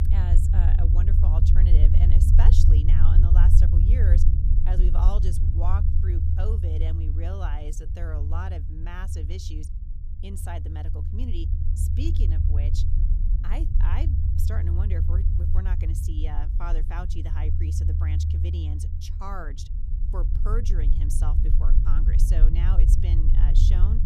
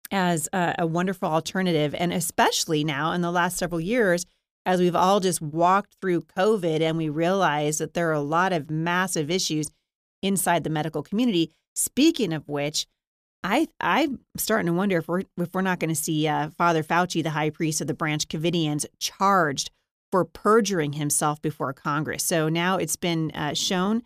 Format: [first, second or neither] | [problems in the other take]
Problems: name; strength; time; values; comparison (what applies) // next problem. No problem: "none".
second | low rumble; loud; throughout; as loud as the speech